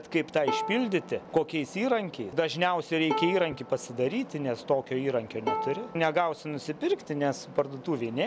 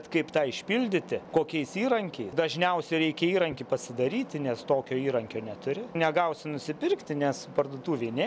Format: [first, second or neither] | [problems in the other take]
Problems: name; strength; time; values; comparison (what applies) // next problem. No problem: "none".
second | background sound (Bowed string instrument); 9 dB below the speech